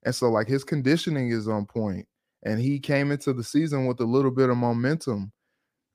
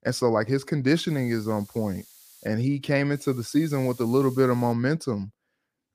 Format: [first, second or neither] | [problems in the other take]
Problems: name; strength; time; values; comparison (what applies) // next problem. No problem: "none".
first | hiss; faint; from 1 to 2.5 s and from 3 to 4.5 s; 25 dB below the speech